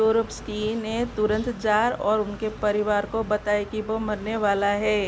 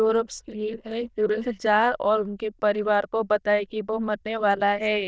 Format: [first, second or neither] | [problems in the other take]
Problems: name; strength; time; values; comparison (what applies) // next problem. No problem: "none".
first | noise reduction (neural diffusion model UNIVERSE++)